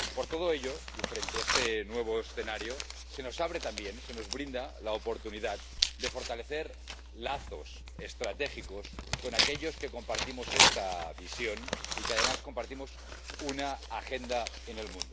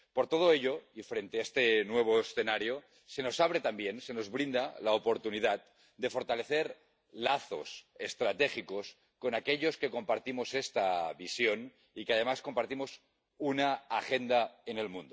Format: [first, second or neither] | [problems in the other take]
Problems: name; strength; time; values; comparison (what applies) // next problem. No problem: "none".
second | background sound (Tearing); 2 dB above the speech